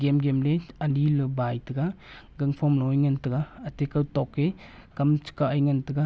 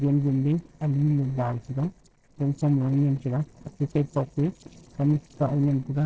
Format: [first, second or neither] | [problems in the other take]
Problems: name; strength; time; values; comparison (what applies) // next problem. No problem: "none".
first | noise reduction (neural separator model SepFormer DNS4)